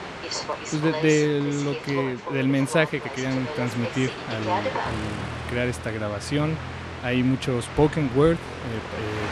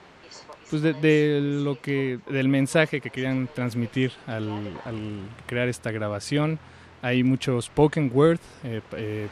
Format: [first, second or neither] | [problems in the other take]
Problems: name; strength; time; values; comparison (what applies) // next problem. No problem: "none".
second | train or aircraft noise; loud; throughout; 6 dB below the speech; faint in the second